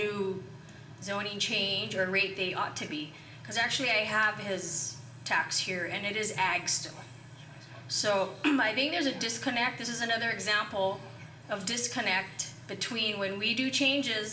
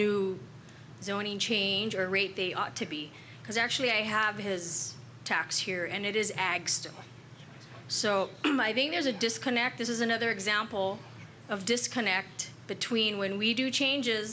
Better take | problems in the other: second | room echo; dies away in 0.6 s

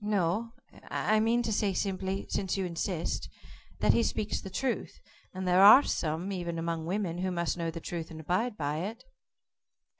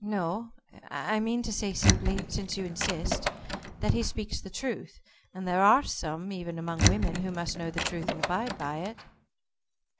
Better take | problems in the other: first | background sound (Door); as loud as the speech

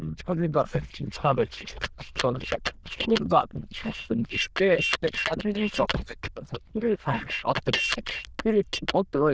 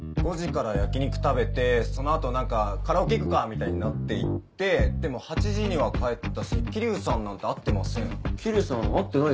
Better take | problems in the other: second | noise reduction (neural diffusion model UNIVERSE++)

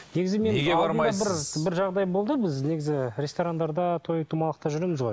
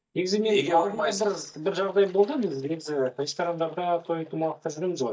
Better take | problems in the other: first | noise reduction (neural mask model DeepFilterNet 3)

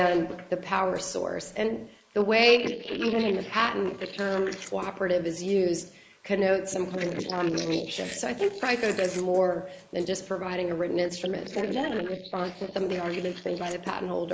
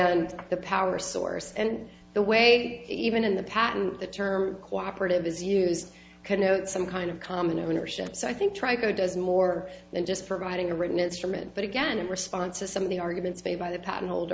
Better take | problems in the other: second | noise reduction (neural mask model Resemble Enhance denoiser)

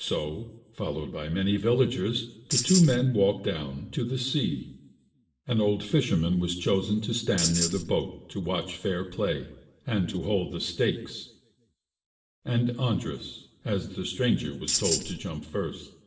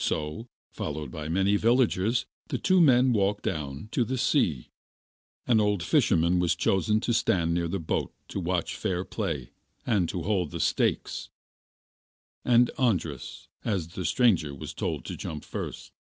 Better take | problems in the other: second | background sound (Tambourine); 1 dB below the speech // room echo; dies away in 0.8 s

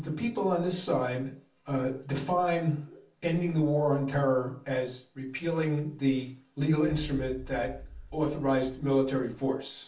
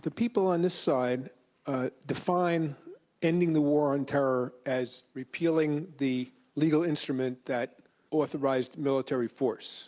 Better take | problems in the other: second | background sound (Boom); 15 dB below the speech // room echo; dies away in 0.3 s

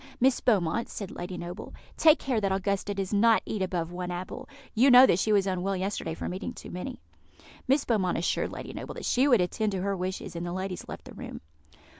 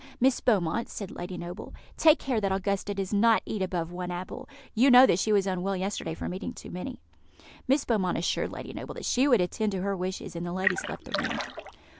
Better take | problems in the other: first | background sound (Splash, splatter); 5 dB below the speech

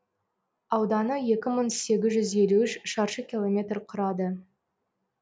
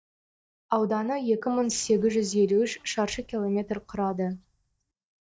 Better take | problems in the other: first | noise reduction (neural mask model DeepFilterNet 3)

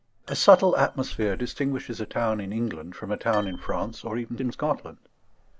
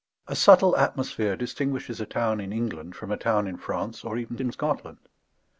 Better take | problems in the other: second | background sound (Bicycle bell); 15 dB below the speech

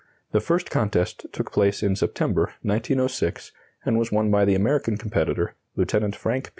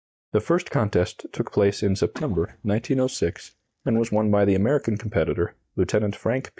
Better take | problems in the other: first | noise reduction (neural mask model DeepFilterNet 3)

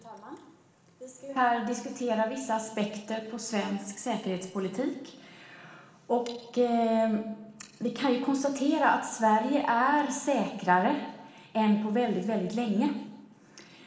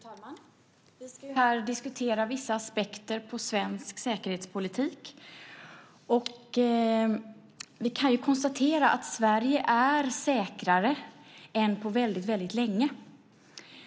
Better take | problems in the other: second | room echo; dies away in 1 s

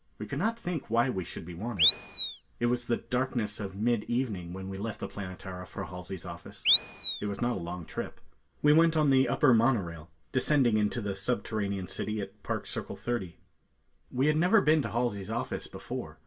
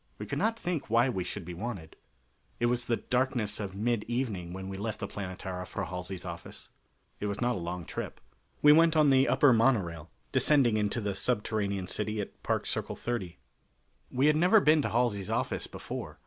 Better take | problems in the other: second | background sound (Animal); as loud as the speech // room echo; dies away in 0.1 s

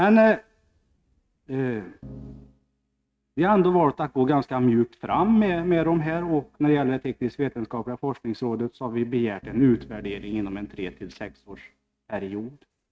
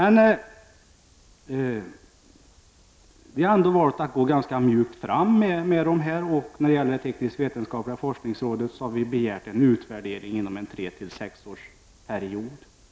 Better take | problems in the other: second | noise reduction (neural mask model RNNoise)

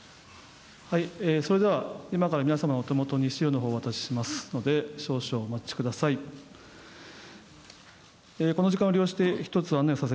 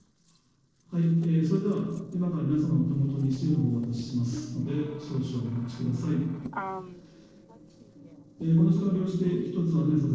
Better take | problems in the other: first | noise reduction (neural separator model SepFormer DNS4)

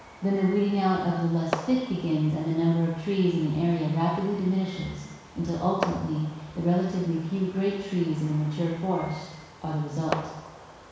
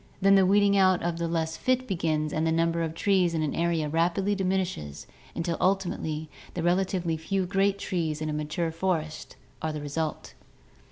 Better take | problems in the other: second | background sound (Fireworks); 14 dB below the speech // room echo; dies away in 1.1 s

